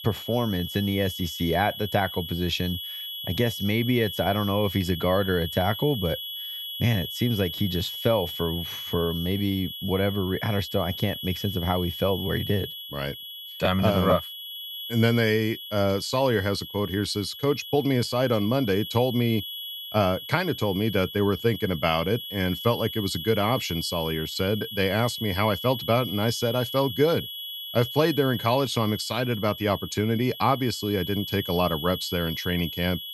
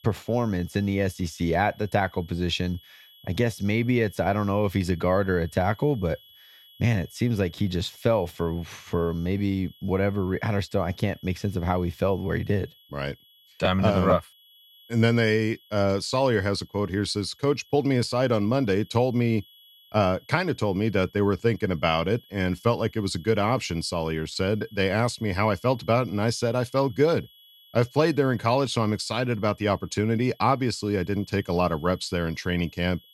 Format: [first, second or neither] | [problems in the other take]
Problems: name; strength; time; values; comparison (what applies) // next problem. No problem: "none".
second | high-pitched whine; loud; throughout; 3.5 kHz, 8 dB below the speech; faint in the second